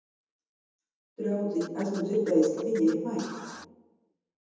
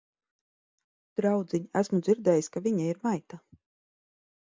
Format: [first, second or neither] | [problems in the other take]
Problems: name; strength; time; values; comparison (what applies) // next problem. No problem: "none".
second | background sound (Scratching (performance technique)); 17 dB below the speech // room echo; dies away in 1.1 s